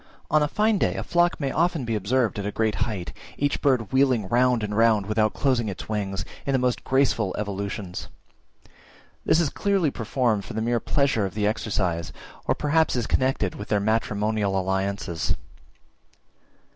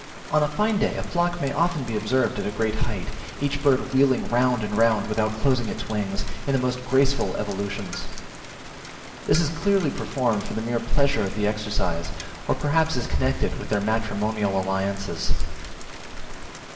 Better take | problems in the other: first | background sound (Rain); 16 dB below the speech // room echo; dies away in 2.2 s

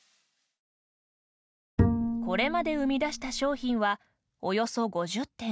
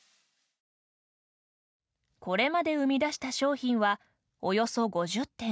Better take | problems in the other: second | background sound (Bowed string instrument); 1 dB above the speech

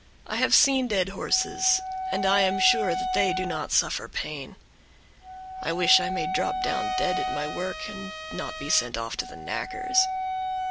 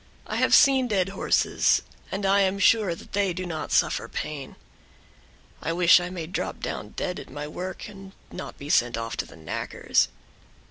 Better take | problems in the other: second | background sound (Trumpet + Wind instrument, woodwind instrument); 4 dB below the speech

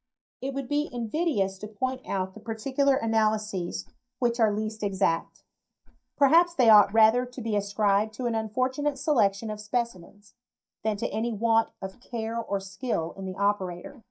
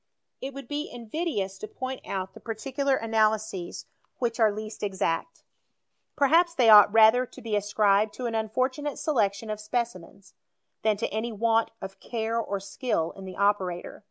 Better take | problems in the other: second | noise reduction (neural mask model DeepFilterNet 3)

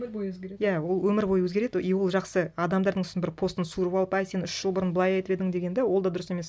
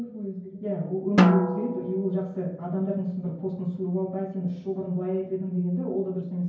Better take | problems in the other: first | background sound (Drum); 3 dB above the speech // room echo; dies away in 0.9 s

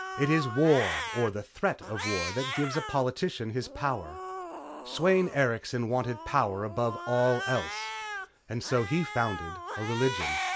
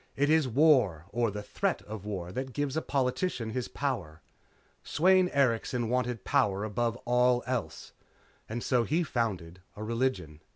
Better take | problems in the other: second | background sound (Cat); 8 dB below the speech

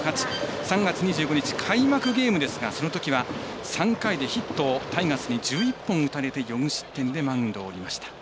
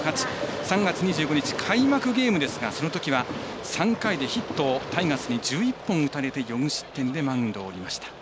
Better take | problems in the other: second | background sound (Bowed string instrument); 17 dB below the speech

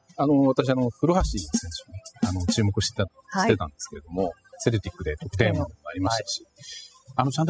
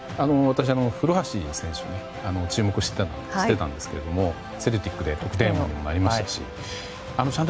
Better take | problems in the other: second | noise reduction (classical method spectral subtraction)

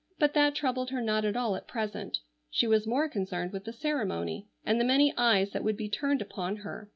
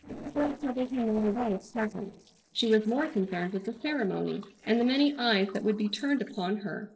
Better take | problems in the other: first | noise reduction (neural separator model SepFormer DNS4)

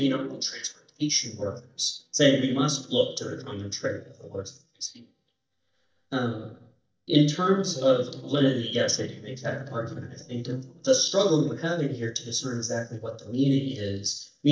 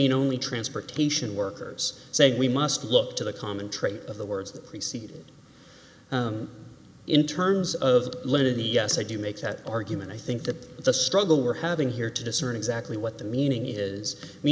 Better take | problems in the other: second | noise reduction (neural mask model DeepFilterNet 3)

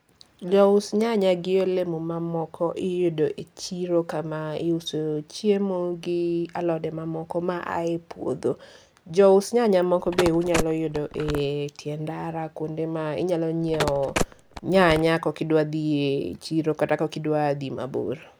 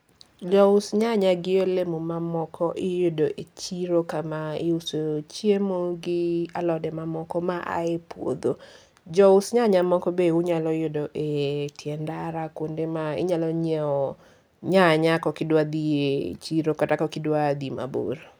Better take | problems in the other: second | background sound (Telephone); 6 dB below the speech

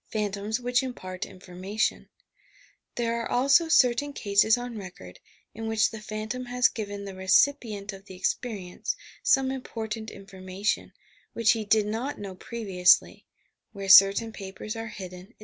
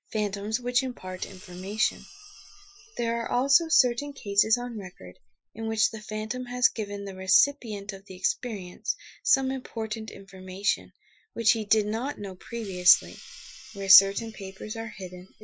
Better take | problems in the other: first | noise reduction (classical method Wiener filter)

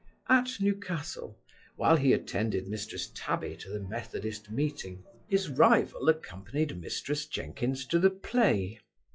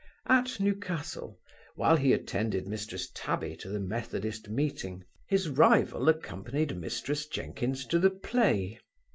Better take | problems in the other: second | noise reduction (classical method log-MMSE)

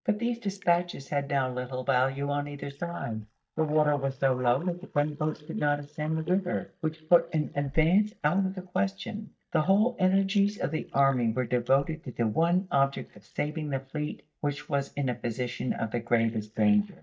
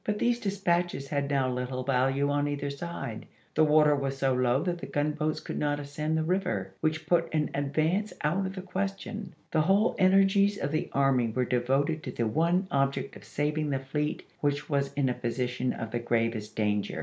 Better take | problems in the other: second | noise reduction (neural mask model DeepFilterNet 3)

